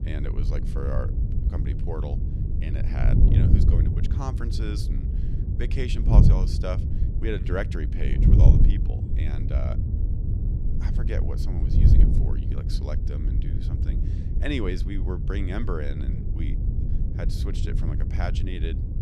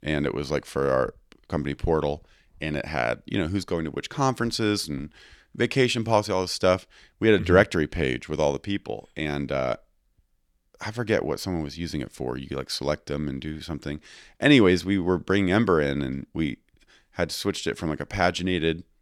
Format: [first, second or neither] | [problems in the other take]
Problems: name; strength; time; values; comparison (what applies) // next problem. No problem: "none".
second | wind noise on the microphone; heavy; 2 dB below the speech